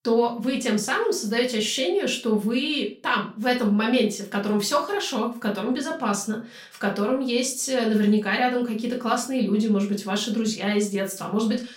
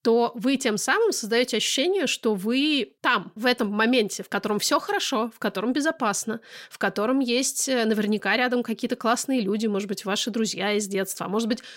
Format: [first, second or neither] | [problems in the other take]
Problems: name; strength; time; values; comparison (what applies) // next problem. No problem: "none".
second | off-mic speech; far // room echo; very slight; dies away in 0.3 s